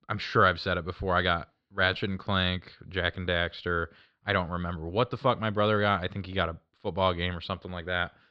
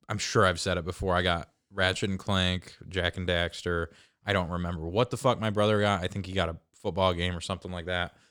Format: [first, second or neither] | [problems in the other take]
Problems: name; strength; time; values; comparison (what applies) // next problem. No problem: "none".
second | muffled; very slightly; fading above 4 kHz